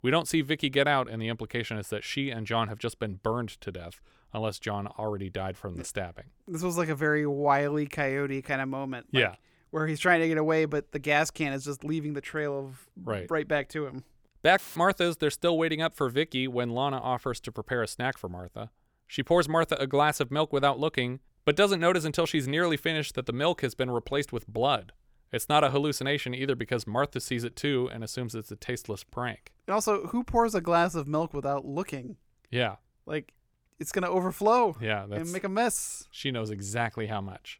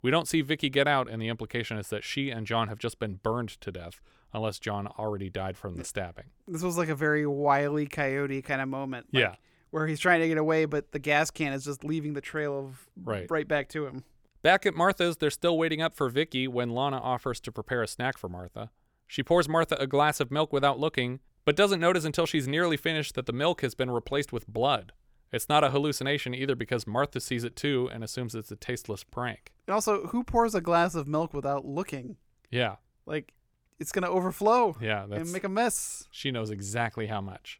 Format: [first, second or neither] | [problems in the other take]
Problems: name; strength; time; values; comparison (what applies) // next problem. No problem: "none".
second | audio cutting out; filled with static; at 15 s